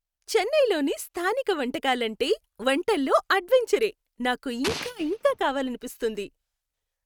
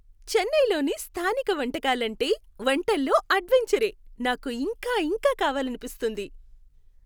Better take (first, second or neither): second